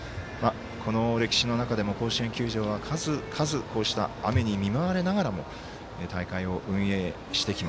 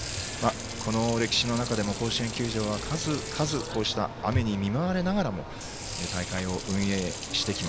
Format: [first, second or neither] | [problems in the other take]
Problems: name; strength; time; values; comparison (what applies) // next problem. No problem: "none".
first | background sound (Sink (filling or washing) / Water); 10 dB below the speech